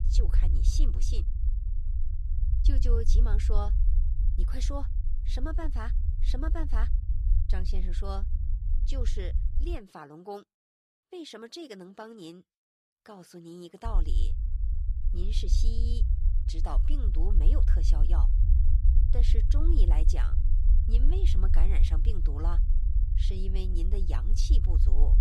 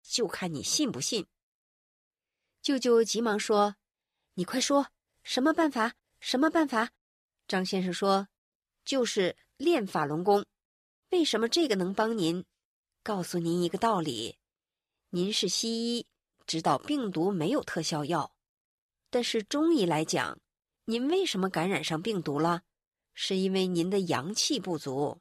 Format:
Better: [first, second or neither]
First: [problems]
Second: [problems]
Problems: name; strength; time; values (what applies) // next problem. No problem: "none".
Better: second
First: low rumble; loud; until 10 s and from 14 s on; 7 dB below the speech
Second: none